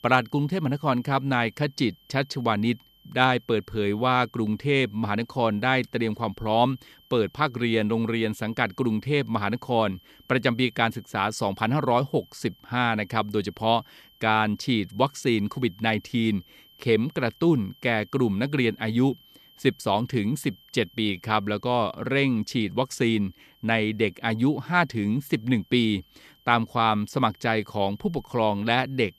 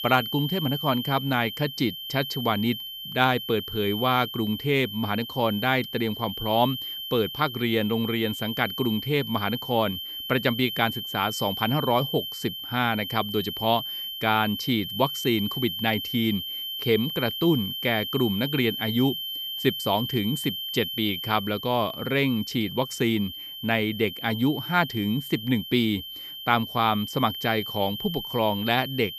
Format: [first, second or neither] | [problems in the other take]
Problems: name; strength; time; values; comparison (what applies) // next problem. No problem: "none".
first | high-pitched whine; loud; throughout; 3 kHz, 6 dB below the speech; faint in the first